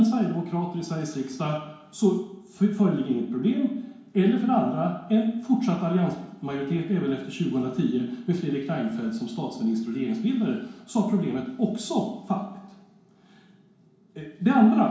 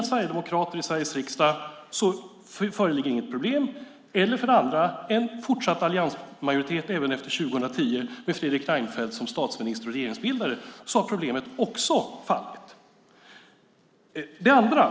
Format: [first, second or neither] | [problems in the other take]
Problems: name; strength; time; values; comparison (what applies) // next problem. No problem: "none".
second | room echo; dies away in 0.6 s